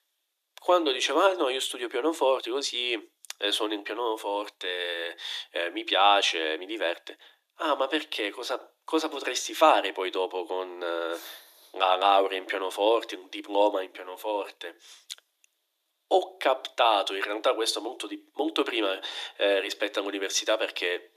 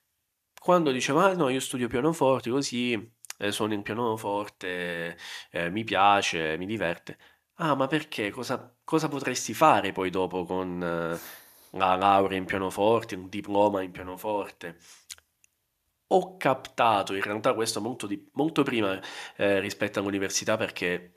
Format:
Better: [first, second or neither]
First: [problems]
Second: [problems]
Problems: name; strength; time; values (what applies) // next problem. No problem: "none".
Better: second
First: thin; somewhat; fading below 300 Hz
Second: none